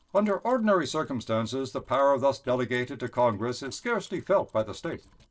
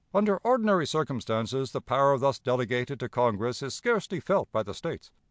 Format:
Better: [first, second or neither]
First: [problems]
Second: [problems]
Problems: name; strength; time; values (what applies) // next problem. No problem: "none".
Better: second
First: noise reduction (neural separator model SepFormer DNS4)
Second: none